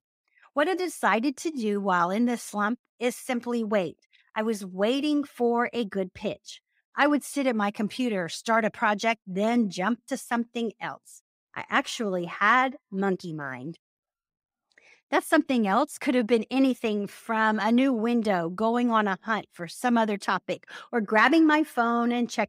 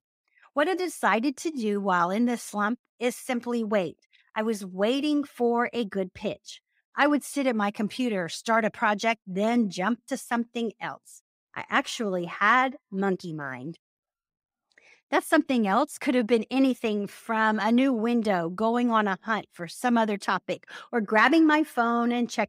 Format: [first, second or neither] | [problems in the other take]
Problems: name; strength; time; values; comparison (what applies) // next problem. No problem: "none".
neither | none